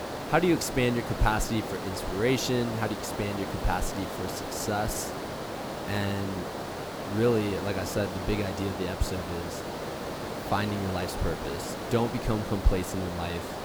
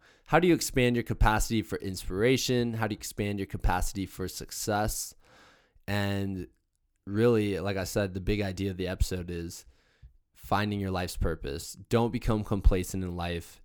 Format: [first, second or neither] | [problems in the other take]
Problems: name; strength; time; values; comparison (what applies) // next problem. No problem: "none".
second | hiss; loud; throughout; 5 dB below the speech